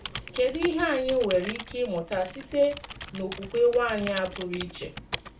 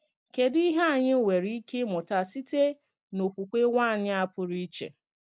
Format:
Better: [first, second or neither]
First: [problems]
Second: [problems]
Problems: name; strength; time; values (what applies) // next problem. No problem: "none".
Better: second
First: background sound (Computer keyboard); 12 dB below the speech // room echo; dies away in 0.3 s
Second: none